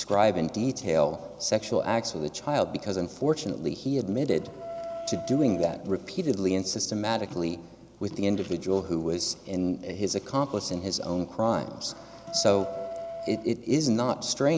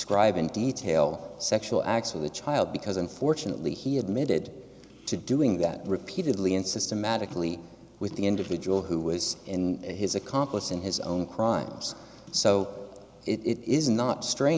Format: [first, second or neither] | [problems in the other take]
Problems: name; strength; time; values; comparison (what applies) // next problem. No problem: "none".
second | background sound (Wind instrument, woodwind instrument); 12 dB below the speech